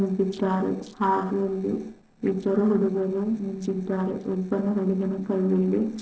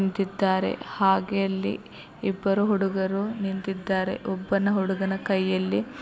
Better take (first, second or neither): second